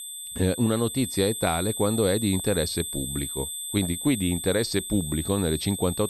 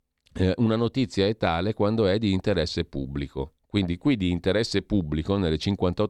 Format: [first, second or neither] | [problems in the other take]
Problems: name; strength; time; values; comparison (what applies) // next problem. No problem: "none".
second | high-pitched whine; loud; throughout; 8 kHz, 5 dB below the speech